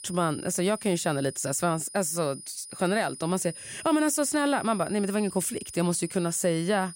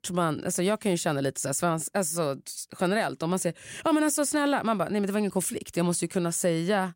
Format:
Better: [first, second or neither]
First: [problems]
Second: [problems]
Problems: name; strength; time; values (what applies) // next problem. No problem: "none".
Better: second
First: high-pitched whine; noticeable; throughout; 9.5 kHz, 15 dB below the speech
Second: none